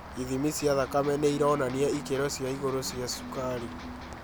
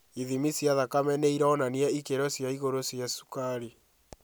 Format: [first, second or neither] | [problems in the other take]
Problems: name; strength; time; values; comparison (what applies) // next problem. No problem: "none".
second | background sound (Rain + Electric guitar); 11 dB below the speech